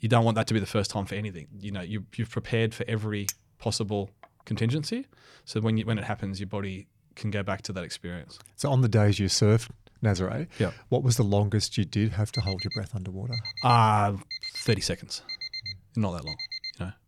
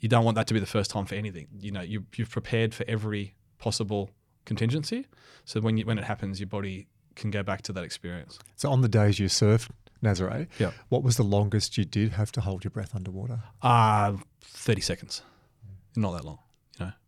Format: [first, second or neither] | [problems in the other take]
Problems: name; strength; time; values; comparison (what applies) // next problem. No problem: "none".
second | clattering dishes; noticeable; at 3.5 s; peak 7 dB below the speech // alarm; noticeable; from 12 s on; peak 6 dB below the speech